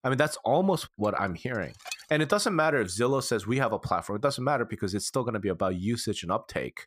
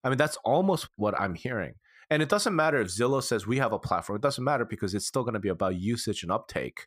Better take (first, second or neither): second